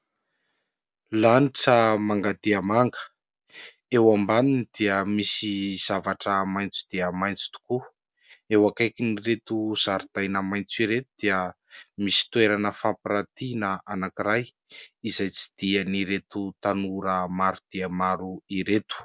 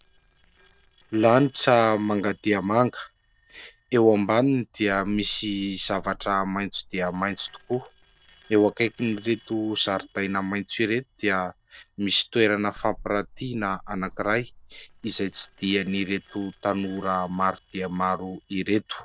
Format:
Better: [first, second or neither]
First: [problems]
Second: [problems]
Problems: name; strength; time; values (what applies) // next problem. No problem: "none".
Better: first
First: none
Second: noise reduction (neural separator model SepFormer DNS4)